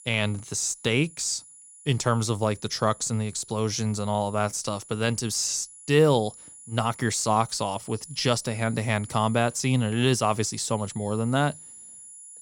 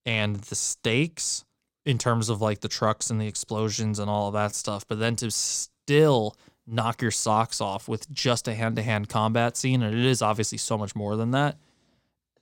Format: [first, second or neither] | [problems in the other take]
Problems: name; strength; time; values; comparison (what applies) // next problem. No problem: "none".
second | high-pitched whine; noticeable; throughout; 10.5 kHz, 20 dB below the speech